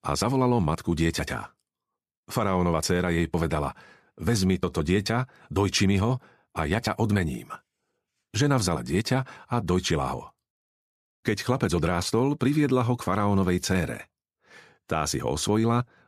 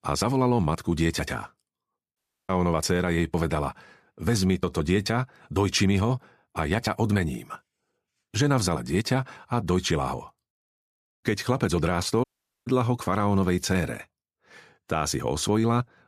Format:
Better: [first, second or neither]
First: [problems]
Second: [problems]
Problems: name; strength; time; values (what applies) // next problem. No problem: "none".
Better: first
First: none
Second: audio cutting out; at 2 s and at 12 s